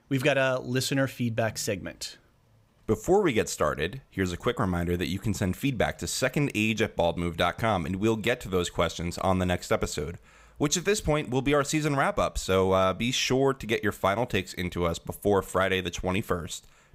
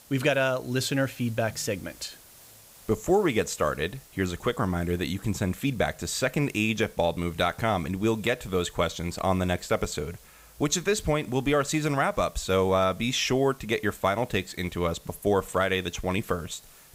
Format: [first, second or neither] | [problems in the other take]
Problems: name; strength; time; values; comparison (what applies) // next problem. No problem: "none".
first | hiss; faint; throughout; 25 dB below the speech